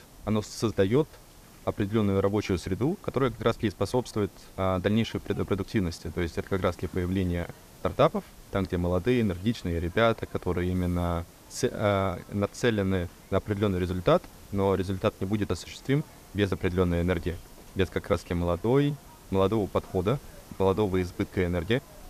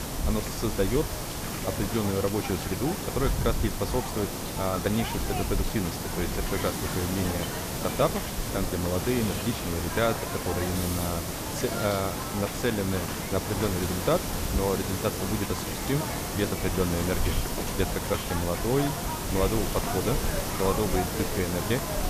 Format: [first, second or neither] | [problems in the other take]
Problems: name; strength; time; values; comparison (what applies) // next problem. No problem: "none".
first | hiss; loud; throughout; 1 dB below the speech; faint in the first